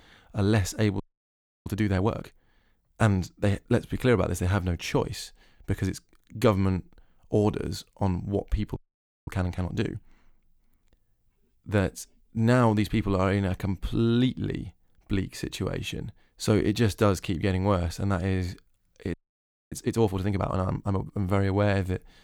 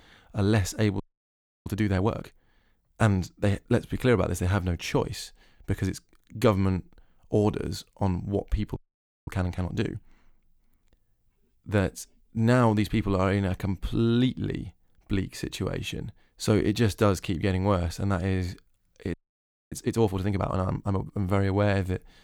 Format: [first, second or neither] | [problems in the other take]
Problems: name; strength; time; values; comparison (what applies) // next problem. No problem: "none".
neither | audio freezing; at 1 s for 0.5 s, at 9 s for 0.5 s and at 19 s for 0.5 s; the same in both